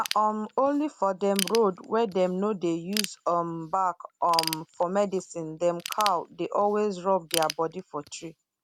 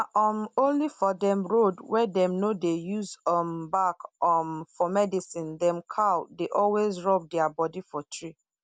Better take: second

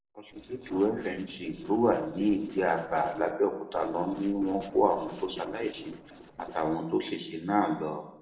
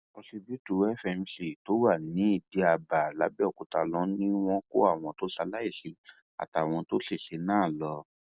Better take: second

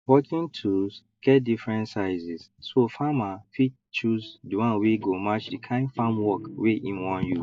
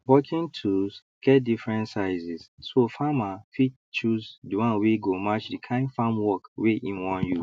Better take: second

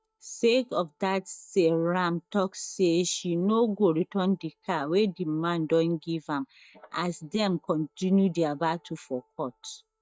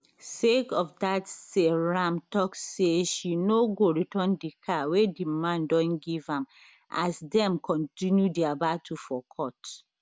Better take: second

